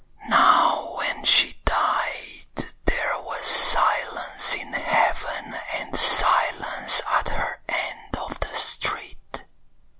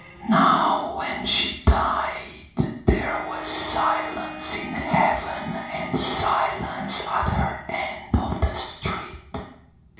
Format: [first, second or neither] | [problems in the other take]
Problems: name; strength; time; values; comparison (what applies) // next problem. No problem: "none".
first | background sound (Bowed string instrument); 19 dB below the speech // room echo; dies away in 0.6 s